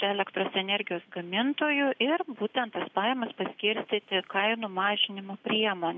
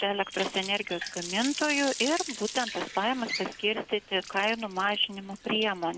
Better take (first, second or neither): first